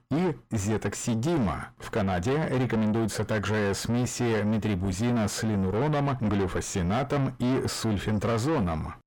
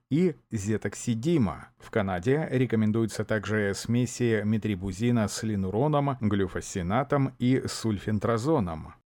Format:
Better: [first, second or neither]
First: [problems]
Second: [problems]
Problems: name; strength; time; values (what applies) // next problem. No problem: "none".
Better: second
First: distortion; heavy; 7 dB below the speech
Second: none